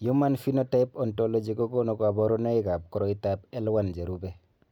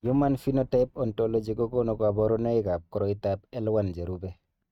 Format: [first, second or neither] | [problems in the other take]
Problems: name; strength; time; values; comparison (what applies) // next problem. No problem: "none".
first | noise reduction (neural mask model RNNoise)